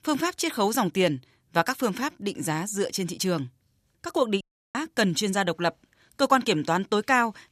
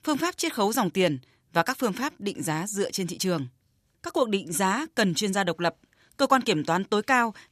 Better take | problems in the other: second | audio cutting out; at 4.5 s

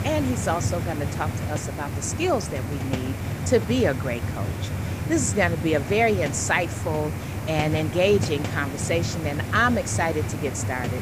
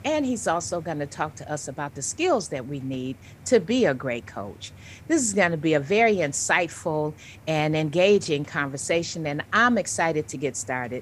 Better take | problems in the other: second | hiss; loud; throughout; 4 dB below the speech; faint in the second

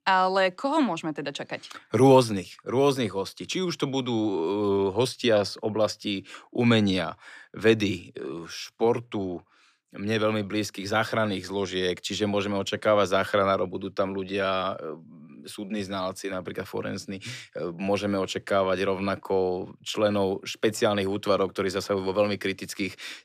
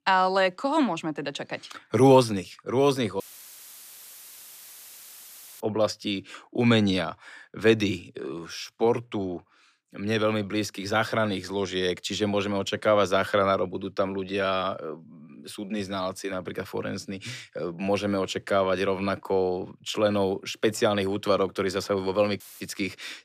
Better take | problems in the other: first | audio cutting out; filled with static; at 3 s for 2.5 s and at 22 s

